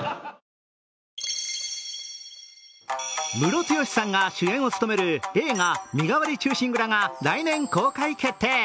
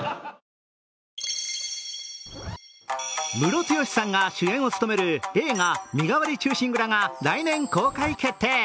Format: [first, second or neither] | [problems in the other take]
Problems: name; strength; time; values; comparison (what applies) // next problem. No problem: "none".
first | background sound (Zipper (clothing)); 11 dB below the speech